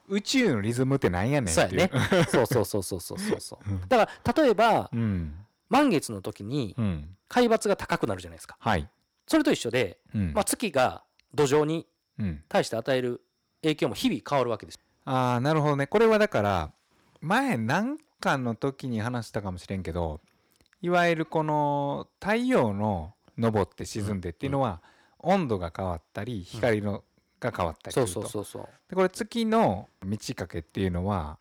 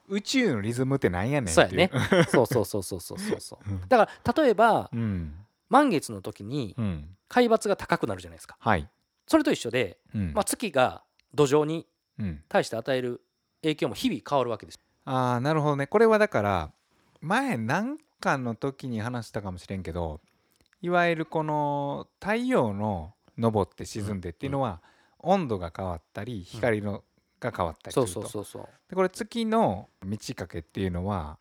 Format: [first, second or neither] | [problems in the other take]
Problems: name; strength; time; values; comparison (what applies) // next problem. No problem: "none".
second | distortion; slight; 3% of the sound clipped